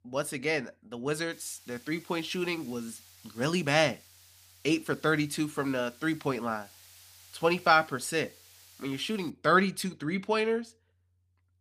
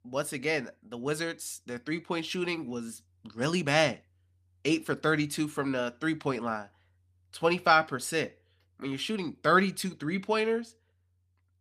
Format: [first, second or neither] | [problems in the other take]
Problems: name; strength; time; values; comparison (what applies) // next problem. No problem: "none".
second | hiss; faint; from 1.5 to 9.5 s; 25 dB below the speech